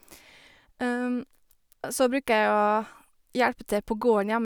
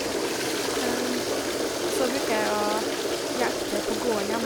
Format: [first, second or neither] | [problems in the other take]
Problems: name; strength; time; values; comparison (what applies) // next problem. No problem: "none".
first | background sound (Toilet flush); 4 dB above the speech